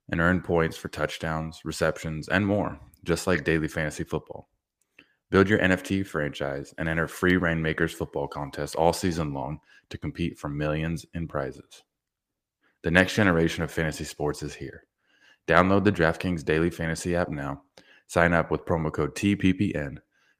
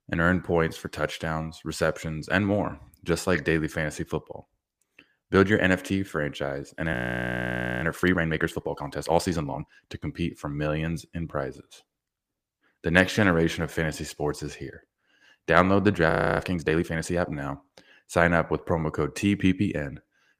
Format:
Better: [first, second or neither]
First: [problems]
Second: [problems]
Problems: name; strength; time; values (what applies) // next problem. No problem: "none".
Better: first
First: none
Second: audio freezing; at 7 s for 1 s and at 16 s